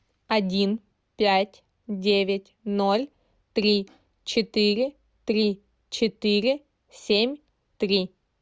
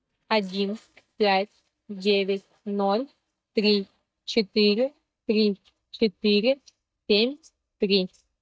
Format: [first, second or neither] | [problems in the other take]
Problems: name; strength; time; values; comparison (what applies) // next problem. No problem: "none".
first | noise reduction (neural mask model DeepFilterNet 3)